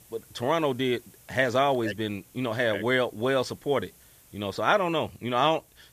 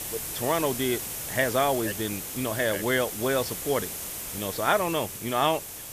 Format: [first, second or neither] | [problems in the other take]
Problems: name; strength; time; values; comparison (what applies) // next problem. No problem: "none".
first | hiss; loud; throughout; 5 dB below the speech; faint in the first